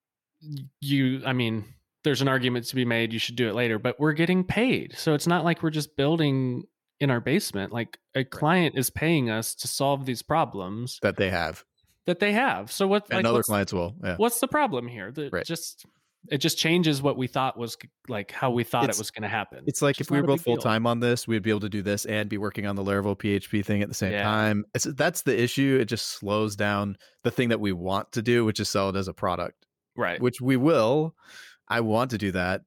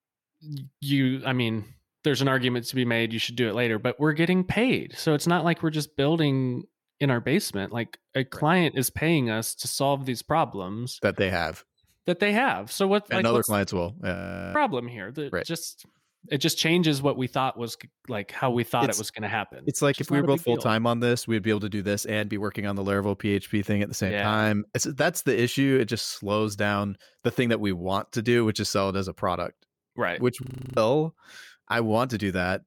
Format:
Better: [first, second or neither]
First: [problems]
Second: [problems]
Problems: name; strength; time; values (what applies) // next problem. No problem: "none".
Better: first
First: none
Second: audio freezing; at 14 s and at 30 s